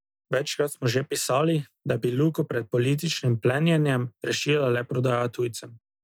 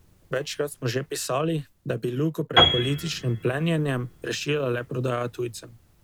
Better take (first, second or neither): first